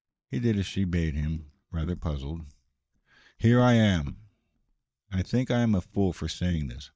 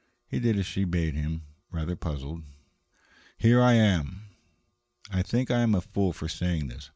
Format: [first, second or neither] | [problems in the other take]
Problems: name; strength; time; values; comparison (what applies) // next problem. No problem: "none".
second | noise reduction (neural mask model DeepFilterNet 3)